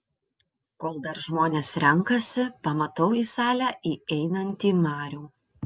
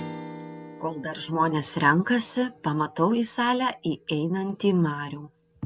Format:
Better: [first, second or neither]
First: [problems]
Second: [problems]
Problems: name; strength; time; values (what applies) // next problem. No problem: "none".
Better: first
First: none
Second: background sound (Strum); 19 dB below the speech